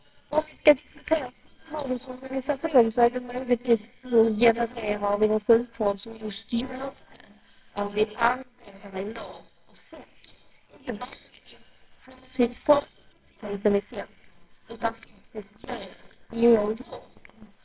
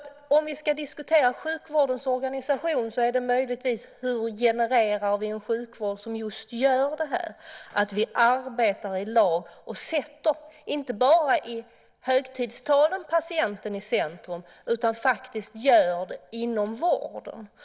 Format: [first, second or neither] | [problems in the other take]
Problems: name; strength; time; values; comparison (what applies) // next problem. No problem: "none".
second | noise reduction (neural separator model SepFormer WHAMR!)